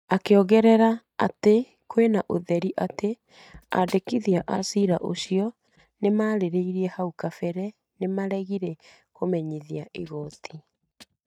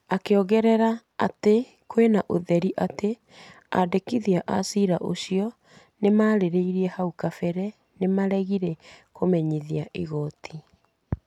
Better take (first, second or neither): second